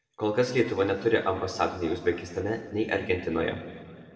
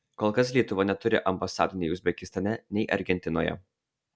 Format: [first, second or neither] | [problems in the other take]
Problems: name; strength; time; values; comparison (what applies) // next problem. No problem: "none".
second | room echo; dies away in 2 s